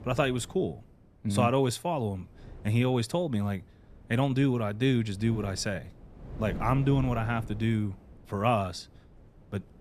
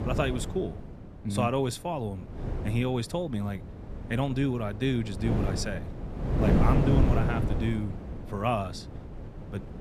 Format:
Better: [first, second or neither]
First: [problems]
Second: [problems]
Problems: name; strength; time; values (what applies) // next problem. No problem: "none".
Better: first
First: wind noise on the microphone; occasional gusts; 20 dB below the speech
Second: wind noise on the microphone; heavy; 5 dB below the speech